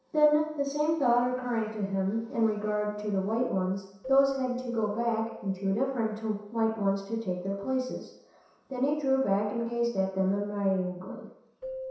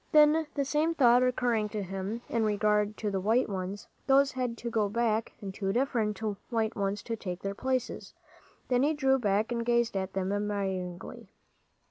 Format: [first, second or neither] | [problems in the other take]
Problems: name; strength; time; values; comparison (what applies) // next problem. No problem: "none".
second | background sound (Keyboard (musical)); 18 dB below the speech // room echo; dies away in 0.7 s